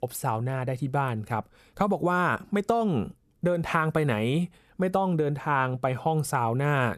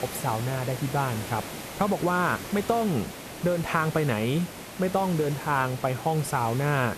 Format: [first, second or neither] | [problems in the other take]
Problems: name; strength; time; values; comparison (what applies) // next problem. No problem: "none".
first | hiss; noticeable; throughout; 10 dB below the speech